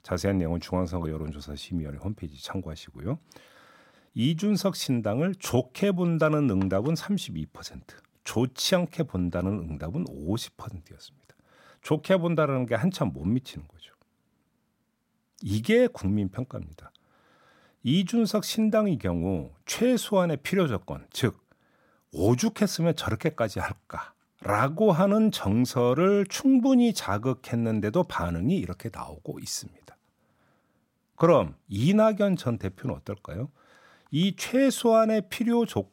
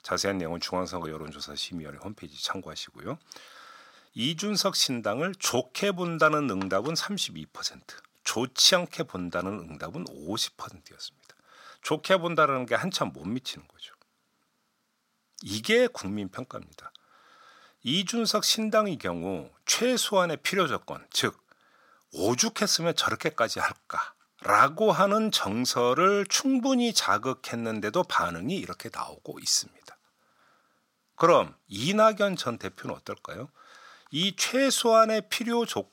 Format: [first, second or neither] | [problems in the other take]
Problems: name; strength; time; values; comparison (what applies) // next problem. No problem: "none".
first | thin; somewhat; fading below 950 Hz